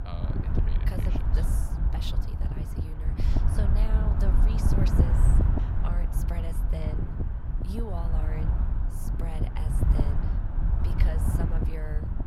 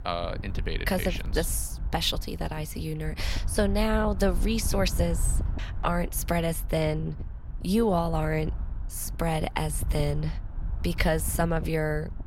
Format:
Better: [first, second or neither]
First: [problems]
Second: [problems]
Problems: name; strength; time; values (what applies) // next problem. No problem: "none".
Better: second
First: wind noise on the microphone; heavy; 3 dB above the speech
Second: wind noise on the microphone; occasional gusts; 20 dB below the speech